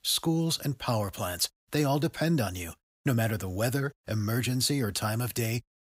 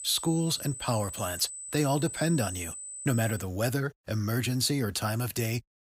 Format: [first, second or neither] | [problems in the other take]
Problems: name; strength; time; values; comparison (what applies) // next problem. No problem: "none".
first | high-pitched whine; loud; until 3.5 s; 8 kHz, 9 dB below the speech